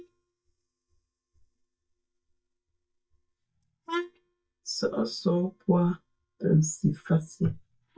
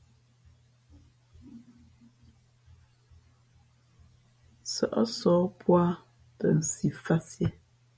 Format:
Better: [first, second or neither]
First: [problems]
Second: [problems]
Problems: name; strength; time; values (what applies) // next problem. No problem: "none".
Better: second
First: noise reduction (neural mask model DeepFilterNet 3)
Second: none